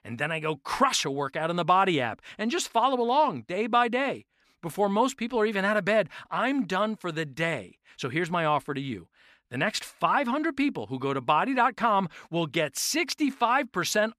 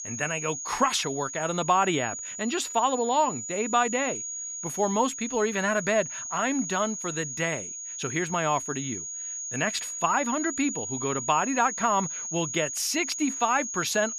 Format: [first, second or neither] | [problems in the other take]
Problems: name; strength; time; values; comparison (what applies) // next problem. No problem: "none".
first | high-pitched whine; loud; throughout; 6.5 kHz, 5 dB below the speech